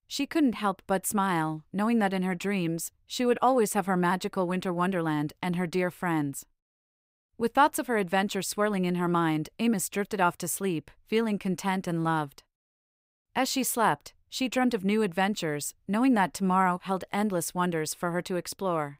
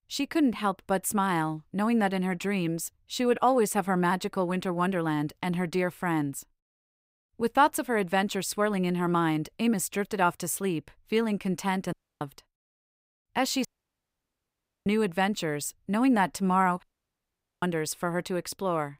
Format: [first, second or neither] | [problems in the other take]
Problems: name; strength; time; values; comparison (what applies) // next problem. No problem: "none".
first | audio cutting out; at 12 s, at 14 s for 1 s and at 17 s for 1 s